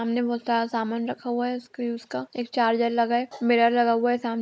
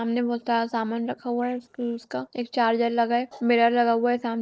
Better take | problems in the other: first | noise reduction (neural separator model SepFormer DNS4)

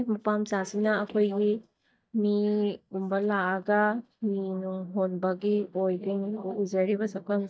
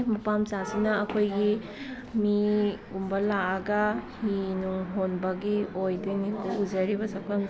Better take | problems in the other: second | noise reduction (neural mask model DeepFilterNet 3)

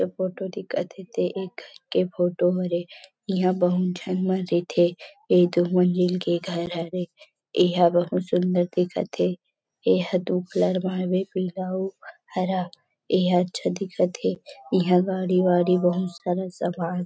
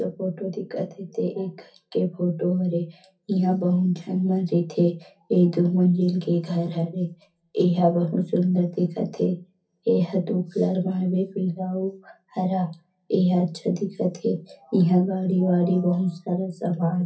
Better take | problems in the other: first | room echo; dies away in 0.3 s

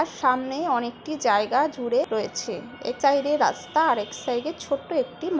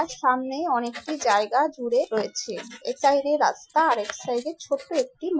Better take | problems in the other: first | noise reduction (classical method Wiener filter)

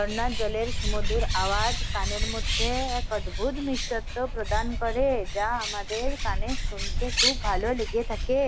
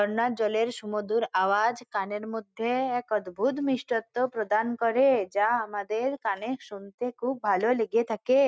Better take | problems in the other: second | background sound (Bird); 2 dB above the speech

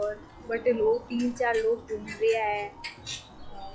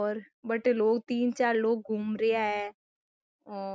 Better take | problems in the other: second | noise reduction (classical method log-MMSE)

